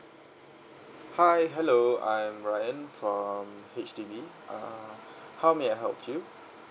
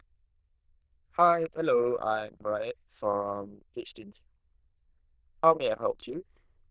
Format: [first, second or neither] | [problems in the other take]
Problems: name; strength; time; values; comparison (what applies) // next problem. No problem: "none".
first | noise reduction (neural diffusion model UNIVERSE++)